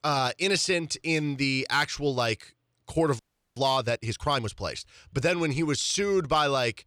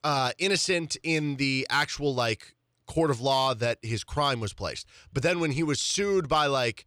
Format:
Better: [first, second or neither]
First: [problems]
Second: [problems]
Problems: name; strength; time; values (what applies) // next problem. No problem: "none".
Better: second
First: audio freezing; at 3 s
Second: none